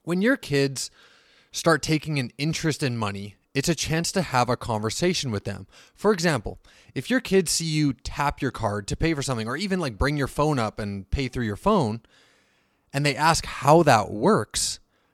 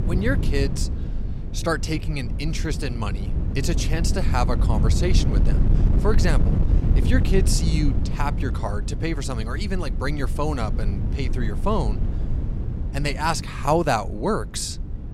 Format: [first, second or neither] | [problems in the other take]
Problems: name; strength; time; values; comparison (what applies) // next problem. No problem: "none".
first | wind noise on the microphone; heavy; 10 dB below the speech